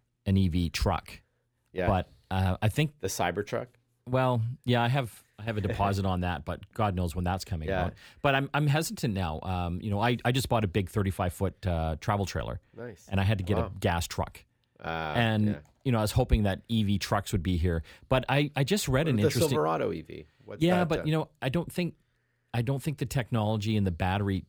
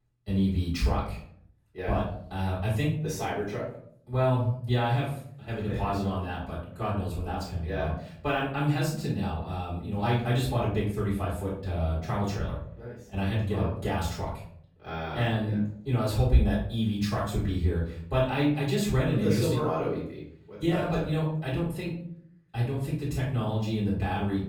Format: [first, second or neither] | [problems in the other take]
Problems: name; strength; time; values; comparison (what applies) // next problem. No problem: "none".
first | room echo; noticeable; dies away in 0.5 s // off-mic speech; far